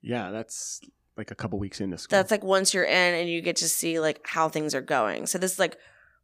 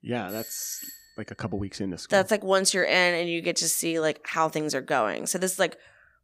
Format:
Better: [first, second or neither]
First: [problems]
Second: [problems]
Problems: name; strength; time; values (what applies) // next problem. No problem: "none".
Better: first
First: none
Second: doorbell; faint; at 0.5 s; peak 10 dB below the speech